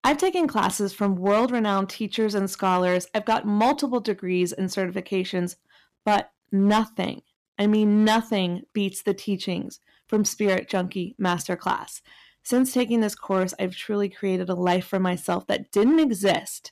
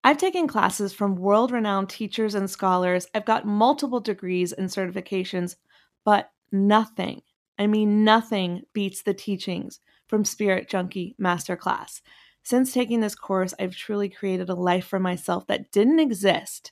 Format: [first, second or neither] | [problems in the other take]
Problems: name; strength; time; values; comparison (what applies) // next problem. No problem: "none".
second | distortion; slight; 4% of the sound clipped